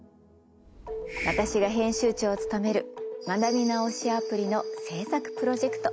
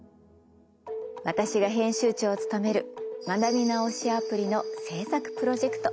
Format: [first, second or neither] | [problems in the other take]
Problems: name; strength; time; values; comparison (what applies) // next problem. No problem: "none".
second | background sound (Hiss); 11 dB below the speech